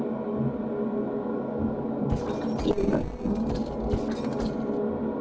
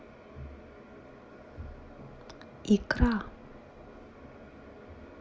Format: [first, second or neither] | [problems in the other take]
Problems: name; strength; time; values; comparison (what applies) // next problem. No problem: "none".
second | noise reduction (neural separator model SepFormer DNS4)